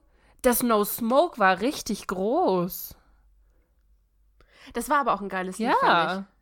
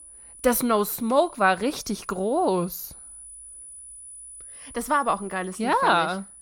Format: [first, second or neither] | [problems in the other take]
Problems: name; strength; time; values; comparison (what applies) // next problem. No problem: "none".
first | high-pitched whine; noticeable; throughout; 10 kHz, 20 dB below the speech